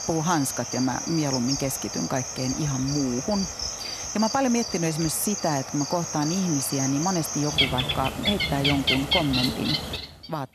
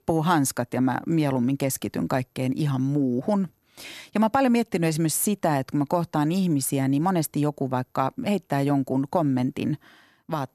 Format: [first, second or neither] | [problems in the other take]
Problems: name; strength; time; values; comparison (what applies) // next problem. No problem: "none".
second | animal sounds; loud; throughout; 1 dB below the speech